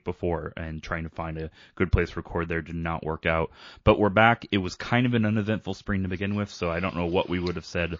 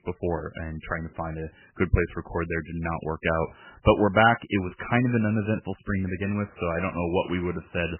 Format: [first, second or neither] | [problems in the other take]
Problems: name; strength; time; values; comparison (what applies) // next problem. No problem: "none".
first | garbled, watery; badly; nothing above 3 kHz; slightly in the first